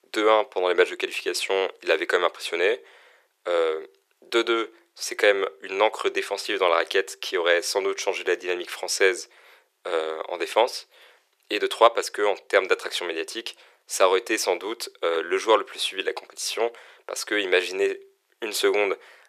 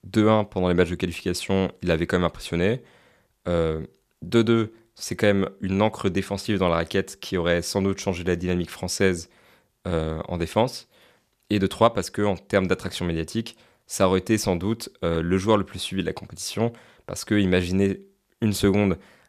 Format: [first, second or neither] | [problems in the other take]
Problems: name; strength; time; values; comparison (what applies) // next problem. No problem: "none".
second | thin; very; fading below 400 Hz